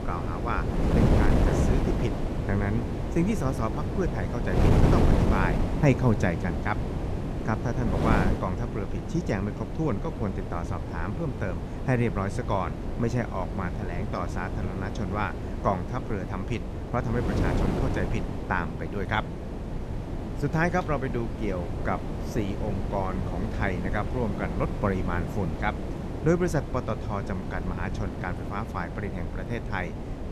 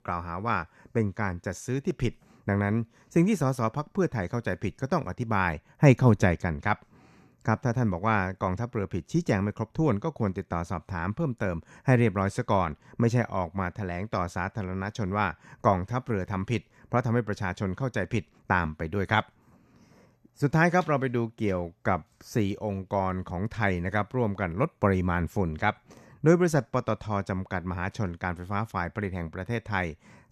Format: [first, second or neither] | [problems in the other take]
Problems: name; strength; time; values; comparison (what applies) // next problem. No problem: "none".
second | wind noise on the microphone; heavy; 4 dB below the speech